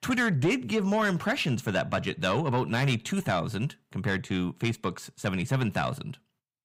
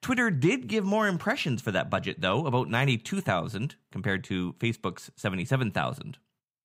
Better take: second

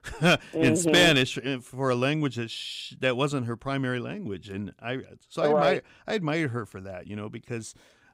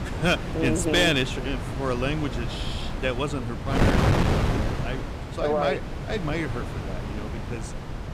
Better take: first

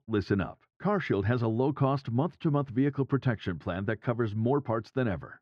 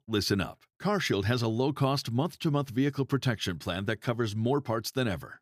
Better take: second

